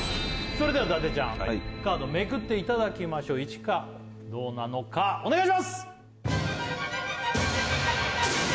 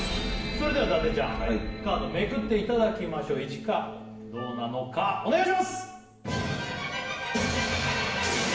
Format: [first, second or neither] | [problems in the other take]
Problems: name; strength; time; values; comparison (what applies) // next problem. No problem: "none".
first | background sound (Wind instrument, woodwind instrument); 17 dB below the speech // room echo; dies away in 0.8 s